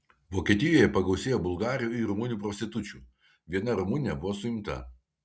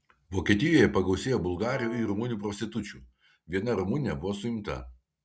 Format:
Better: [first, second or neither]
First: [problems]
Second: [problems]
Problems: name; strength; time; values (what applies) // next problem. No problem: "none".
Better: first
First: none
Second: background sound (Brass instrument); 17 dB below the speech